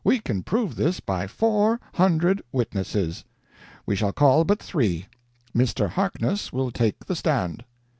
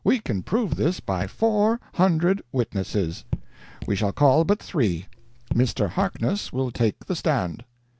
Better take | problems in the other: first | background sound (Raindrop / Drip); 11 dB below the speech

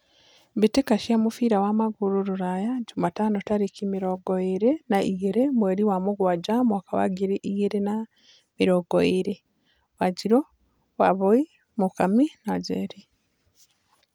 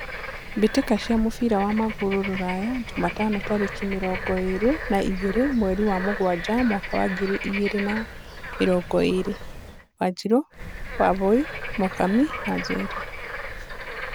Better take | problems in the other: first | background sound (Bird / Frog); 8 dB below the speech

